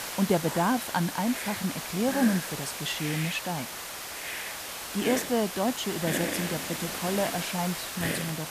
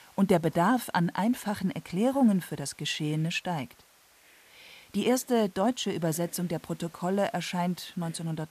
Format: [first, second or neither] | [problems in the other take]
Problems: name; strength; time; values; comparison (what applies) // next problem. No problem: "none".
second | hiss; loud; throughout; 3 dB below the speech; faint in the second